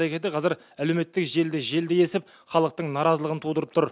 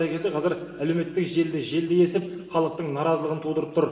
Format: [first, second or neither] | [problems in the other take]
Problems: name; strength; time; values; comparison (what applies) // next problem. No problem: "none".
first | background sound (Acoustic guitar); 19 dB below the speech // room echo; dies away in 1.9 s